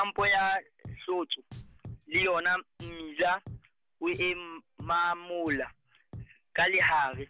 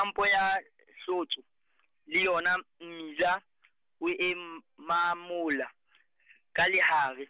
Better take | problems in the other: second | background sound (Drum); 17 dB below the speech

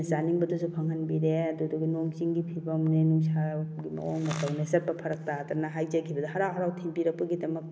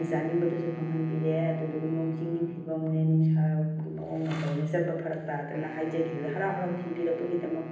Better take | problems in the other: first | background sound (Wind instrument, woodwind instrument); 19 dB below the speech // room echo; dies away in 0.9 s

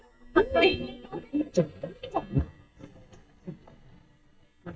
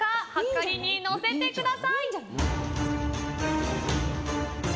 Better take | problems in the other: second | noise reduction (neural mask model DeepFilterNet 3)

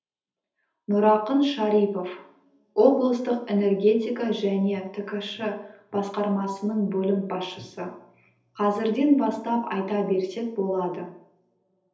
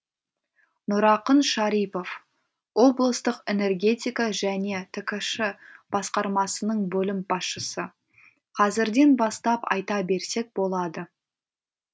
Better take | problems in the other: second | room echo; dies away in 0.7 s

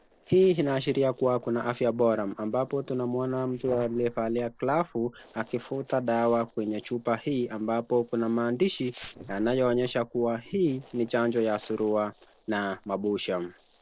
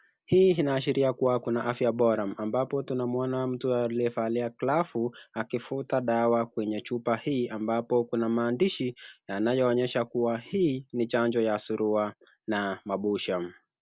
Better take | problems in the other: second | noise reduction (neural separator model SepFormer DNS4)

